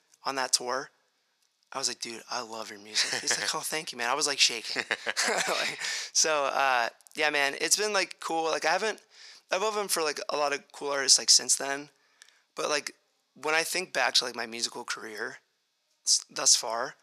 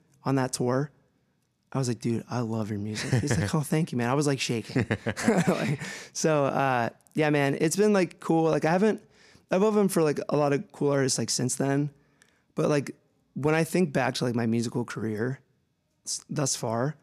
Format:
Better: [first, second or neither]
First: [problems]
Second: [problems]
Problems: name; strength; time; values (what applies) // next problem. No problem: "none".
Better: second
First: thin; very; fading below 800 Hz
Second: none